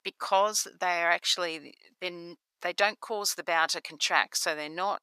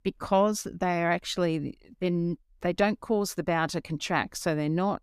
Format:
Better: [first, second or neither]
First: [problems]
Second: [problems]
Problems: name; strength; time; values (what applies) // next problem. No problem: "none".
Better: second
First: thin; very; fading below 850 Hz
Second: none